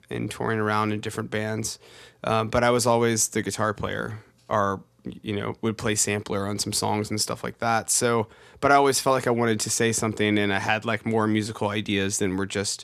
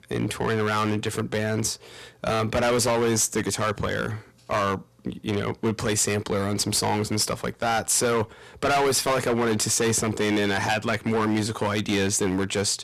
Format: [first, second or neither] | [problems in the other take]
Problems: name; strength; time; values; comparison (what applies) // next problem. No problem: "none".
first | distortion; heavy; 13% of the sound clipped